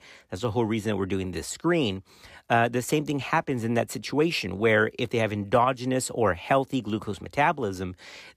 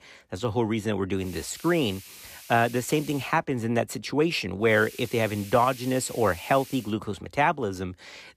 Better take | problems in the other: first | hiss; noticeable; from 1 to 3.5 s and from 4.5 to 7 s; 15 dB below the speech

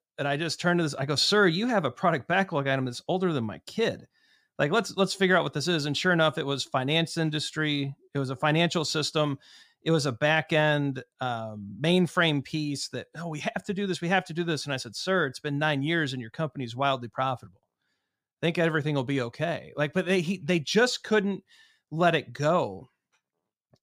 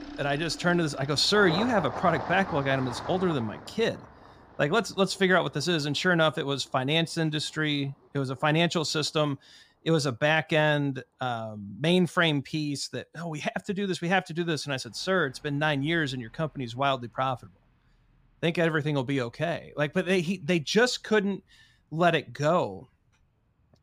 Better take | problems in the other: first | traffic noise; noticeable; throughout; 10 dB below the speech

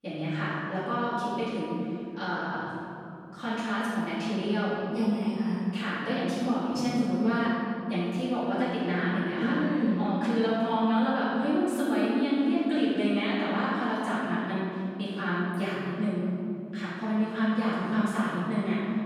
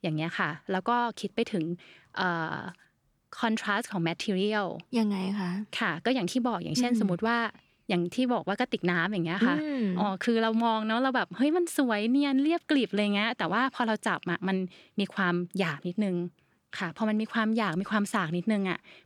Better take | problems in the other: second | off-mic speech; far // room echo; strong; dies away in 2.7 s

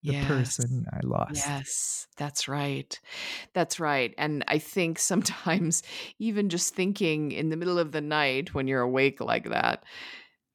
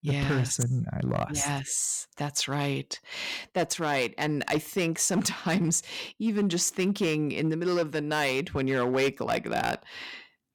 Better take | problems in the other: first | distortion; slight; 6% of the sound clipped

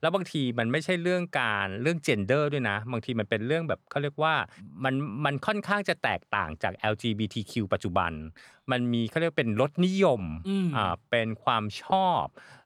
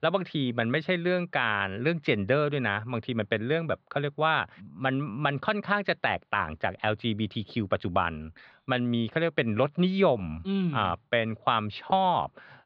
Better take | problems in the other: first | muffled; very slightly; fading above 4 kHz

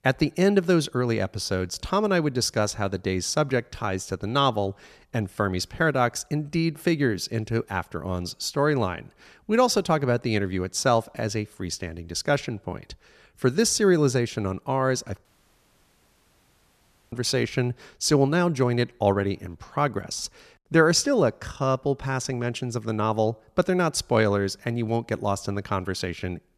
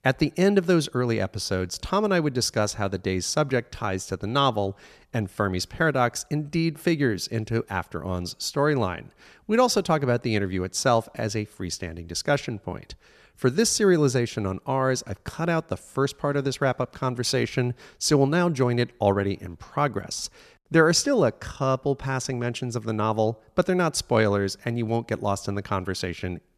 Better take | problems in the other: second | audio cutting out; at 15 s for 2 s

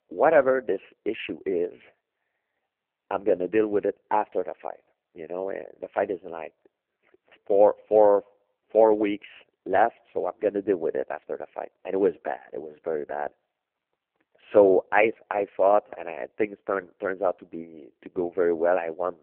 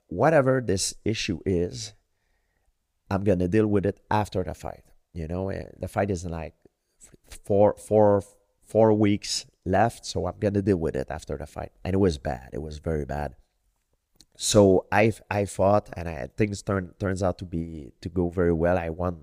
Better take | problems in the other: second | phone-call audio; poor line

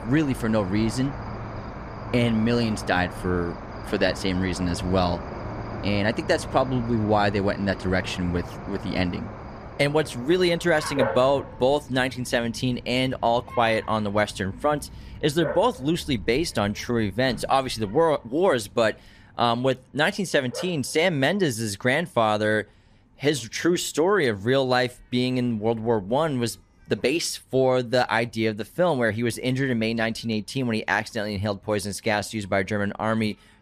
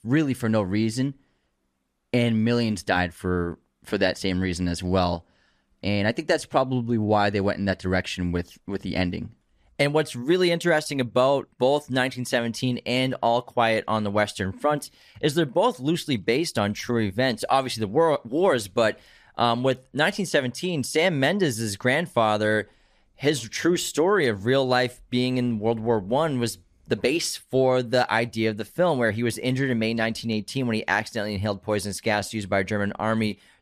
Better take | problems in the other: second | animal sounds; noticeable; throughout; 10 dB below the speech

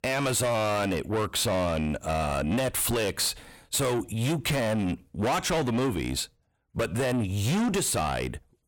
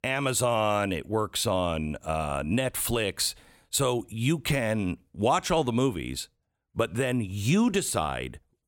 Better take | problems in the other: second | distortion; heavy; 7 dB below the speech

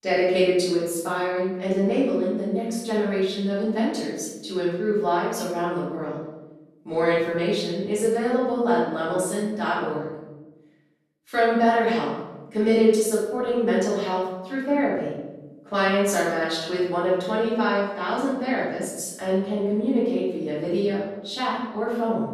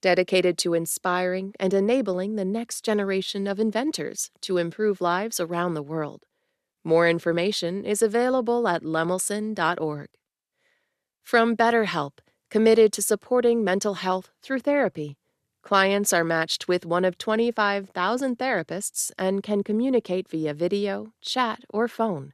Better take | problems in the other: second | off-mic speech; far // room echo; noticeable; dies away in 1 s

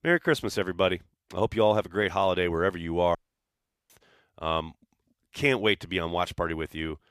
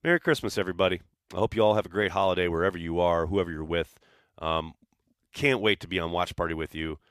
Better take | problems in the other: second | audio cutting out; at 3 s for 1 s

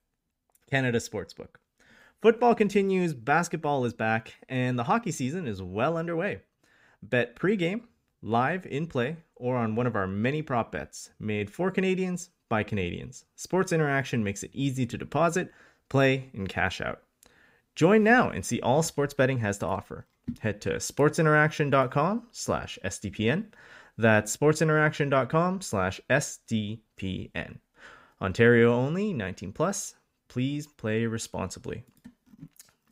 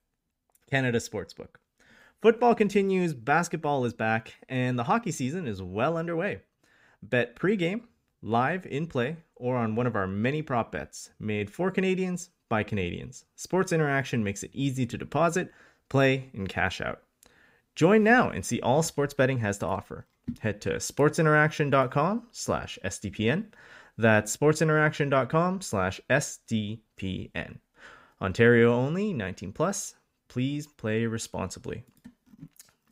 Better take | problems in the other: neither | none

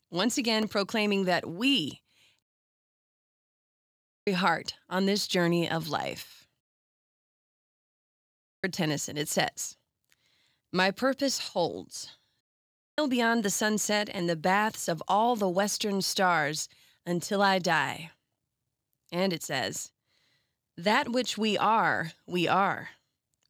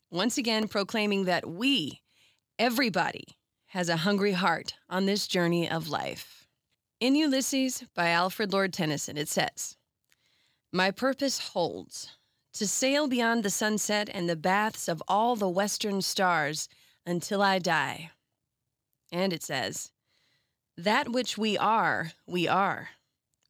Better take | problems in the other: second | audio cutting out; at 2.5 s for 2 s, at 6.5 s for 2 s and at 12 s for 0.5 s

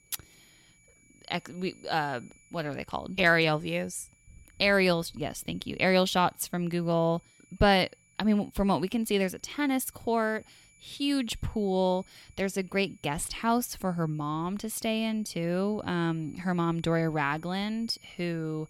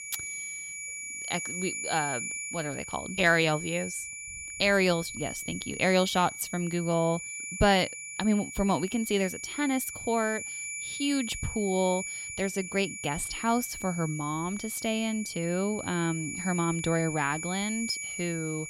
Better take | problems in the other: first | high-pitched whine; loud; throughout; 2.5 kHz, 7 dB below the speech; faint in the first

